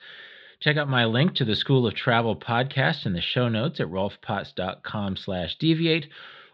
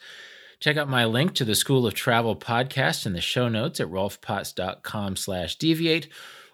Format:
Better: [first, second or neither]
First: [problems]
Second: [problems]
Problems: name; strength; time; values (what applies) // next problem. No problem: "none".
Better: second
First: muffled; very slightly; fading above 4 kHz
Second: none